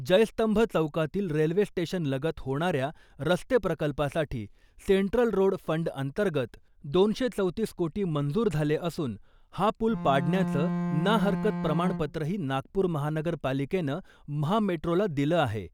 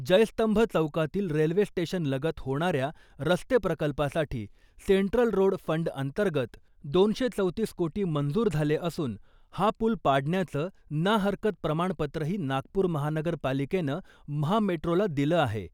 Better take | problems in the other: second | background sound (Bowed string instrument); 3 dB below the speech

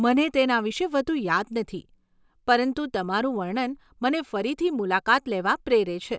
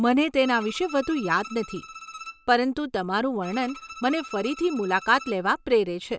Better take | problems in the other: first | background sound (Bowed string instrument); 17 dB below the speech

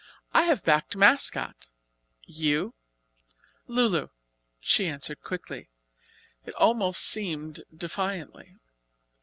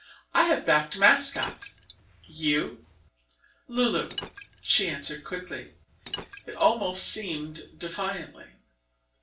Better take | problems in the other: first | background sound (Liquid); 15 dB below the speech // room echo; dies away in 0.3 s

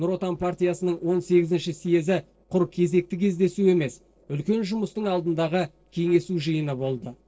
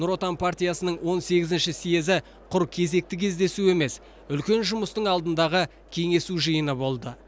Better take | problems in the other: second | noise reduction (neural separator model SepFormer DNS4)

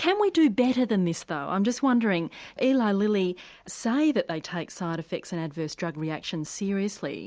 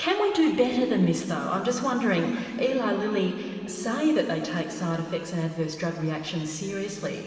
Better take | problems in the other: first | room echo; dies away in 2.9 s

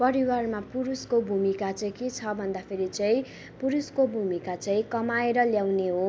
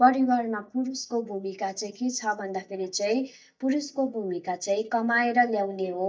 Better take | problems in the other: first | noise reduction (neural mask model DeepFilterNet 3)

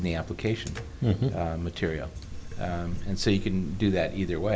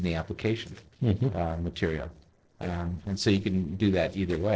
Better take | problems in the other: first | noise reduction (neural separator model SepFormer DNS4)

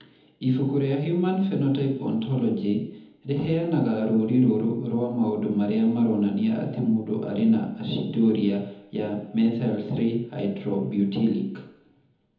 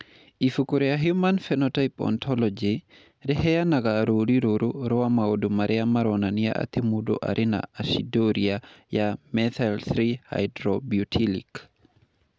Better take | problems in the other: second | room echo; dies away in 1 s

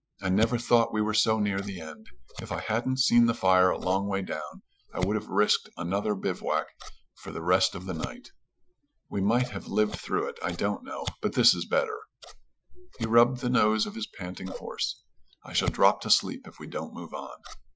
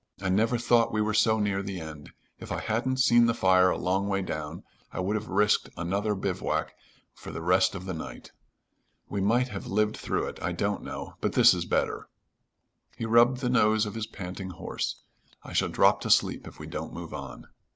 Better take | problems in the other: second | noise reduction (classical method Wiener filter)

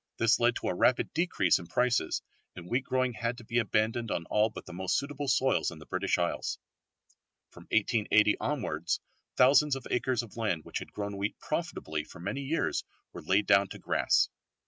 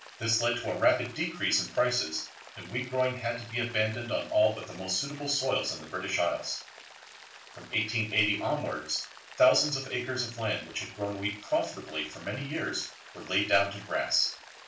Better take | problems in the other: first | background sound (Rain); 19 dB below the speech // room echo; dies away in 0.3 s

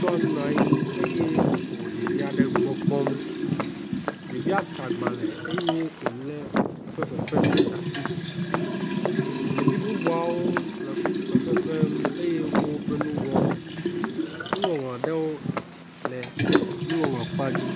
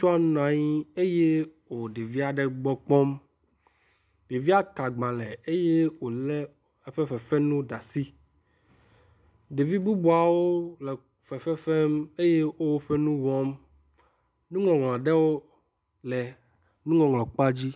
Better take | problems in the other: second | background sound (Liquid + Walk, footsteps); 5 dB above the speech

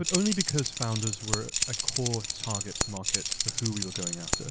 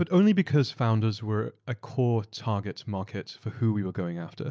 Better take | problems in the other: second | background sound (Keys jangling); 2 dB above the speech

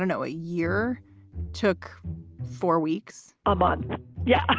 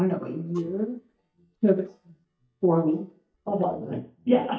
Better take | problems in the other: first | noise reduction (neural mask model DeepFilterNet 3)

